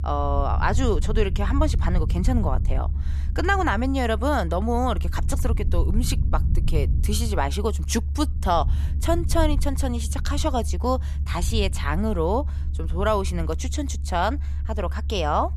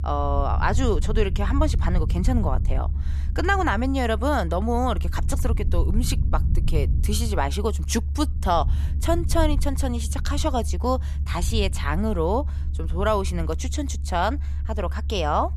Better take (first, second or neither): neither